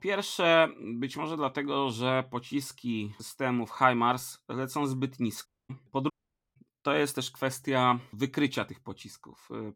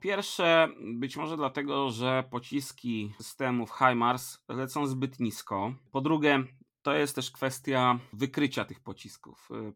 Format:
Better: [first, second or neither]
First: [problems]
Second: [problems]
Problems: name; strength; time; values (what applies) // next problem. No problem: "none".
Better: second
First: audio cutting out; at 5.5 s and at 6 s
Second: none